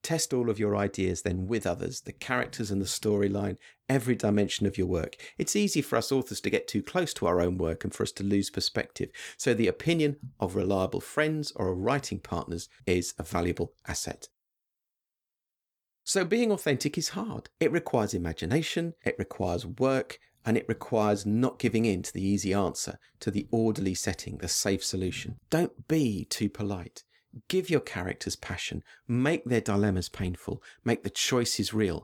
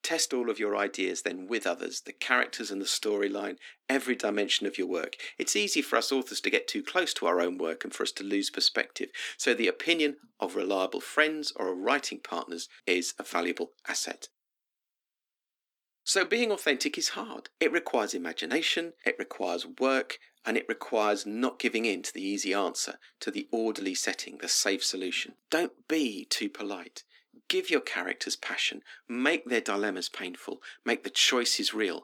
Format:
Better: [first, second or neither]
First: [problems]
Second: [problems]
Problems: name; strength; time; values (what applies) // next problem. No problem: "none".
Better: first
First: none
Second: thin; somewhat; fading below 250 Hz